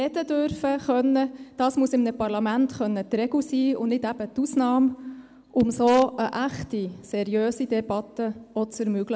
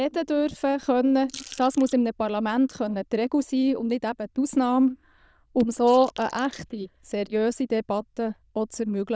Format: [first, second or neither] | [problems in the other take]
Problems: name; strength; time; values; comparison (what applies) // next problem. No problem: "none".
first | noise reduction (neural diffusion model UNIVERSE++)